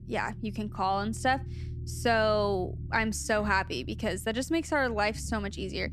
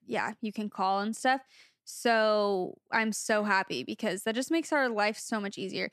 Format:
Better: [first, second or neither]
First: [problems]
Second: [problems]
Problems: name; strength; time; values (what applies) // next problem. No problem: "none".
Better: second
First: low rumble; faint; throughout; 25 dB below the speech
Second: none